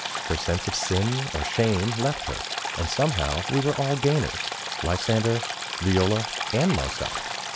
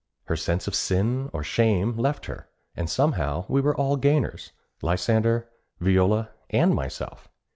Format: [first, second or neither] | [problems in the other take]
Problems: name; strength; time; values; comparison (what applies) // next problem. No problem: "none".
second | background sound (Stream); 5 dB below the speech